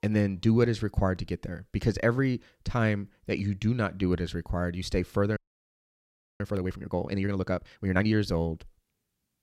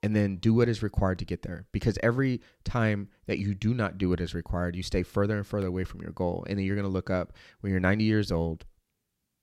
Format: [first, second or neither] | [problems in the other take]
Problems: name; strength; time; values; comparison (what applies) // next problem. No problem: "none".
second | audio freezing; at 5.5 s for 1 s